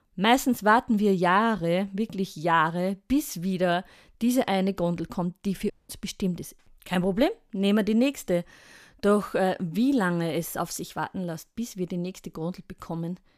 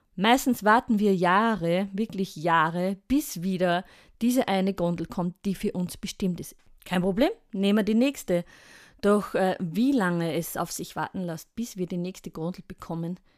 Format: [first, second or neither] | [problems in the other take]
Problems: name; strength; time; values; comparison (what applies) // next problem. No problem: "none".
second | audio cutting out; at 5.5 s